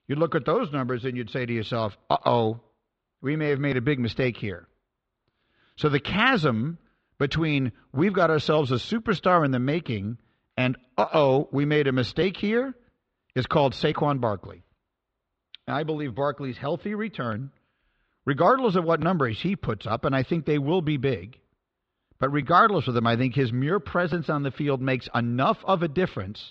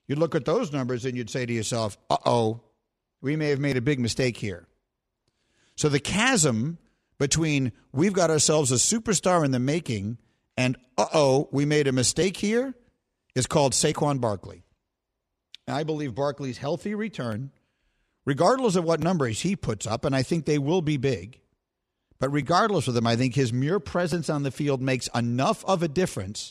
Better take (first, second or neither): second